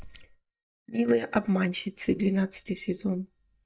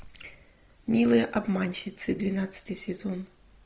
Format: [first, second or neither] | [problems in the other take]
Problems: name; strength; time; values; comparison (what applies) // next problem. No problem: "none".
second | noise reduction (neural mask model DeepFilterNet 3)